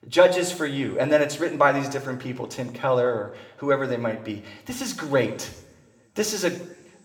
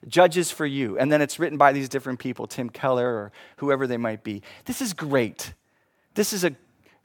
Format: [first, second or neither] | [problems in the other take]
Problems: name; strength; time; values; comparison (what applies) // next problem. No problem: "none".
second | room echo; slight; dies away in 1 s